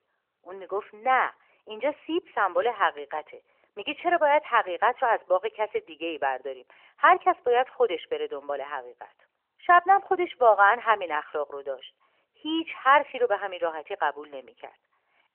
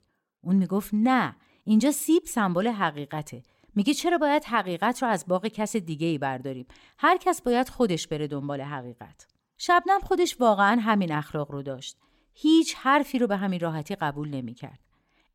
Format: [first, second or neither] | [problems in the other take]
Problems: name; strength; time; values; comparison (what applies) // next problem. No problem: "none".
second | phone-call audio; nothing above 3 kHz